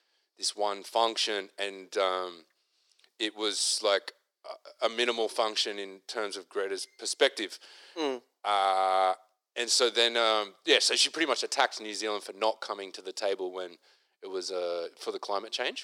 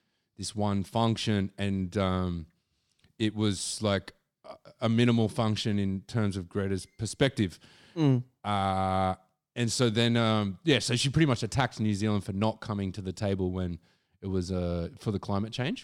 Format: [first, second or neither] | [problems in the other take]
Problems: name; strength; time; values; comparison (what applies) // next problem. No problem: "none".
second | thin; very; fading below 400 Hz